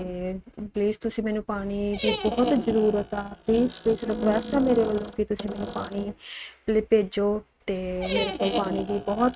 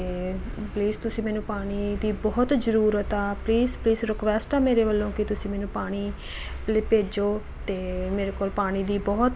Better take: second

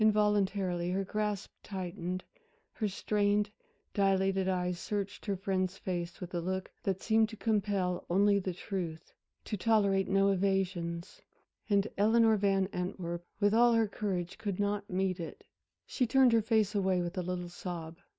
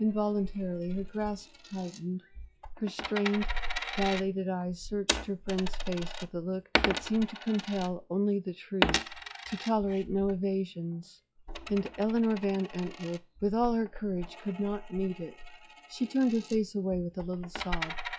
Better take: first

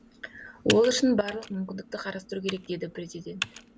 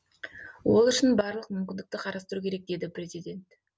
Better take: second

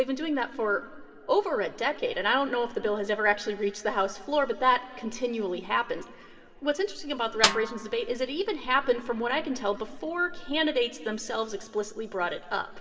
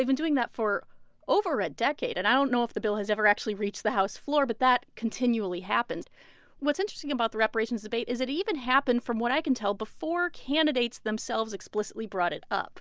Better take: second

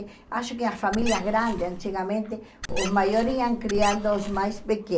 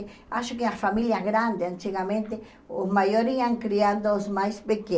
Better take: second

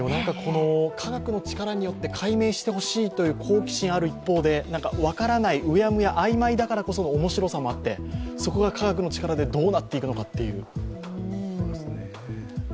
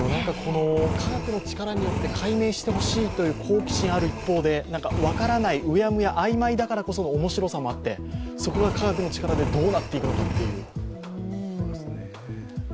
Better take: first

